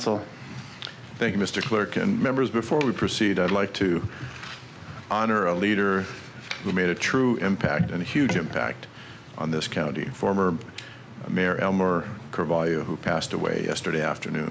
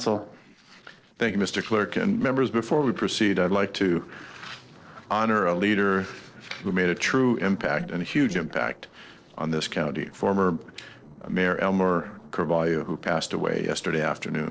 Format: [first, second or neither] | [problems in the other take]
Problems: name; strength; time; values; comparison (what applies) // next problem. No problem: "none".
first | noise reduction (neural separator model SepFormer DNS4)